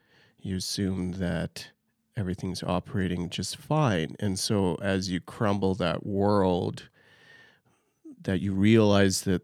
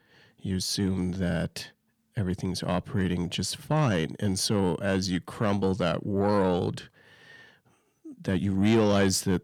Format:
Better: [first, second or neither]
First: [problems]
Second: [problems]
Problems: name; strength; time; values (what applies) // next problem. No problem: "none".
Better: first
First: none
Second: distortion; slight; 10 dB below the speech